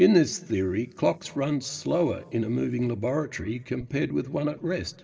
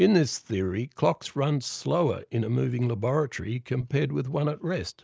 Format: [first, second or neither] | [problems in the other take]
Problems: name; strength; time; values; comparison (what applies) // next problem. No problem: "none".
second | room echo; dies away in 2 s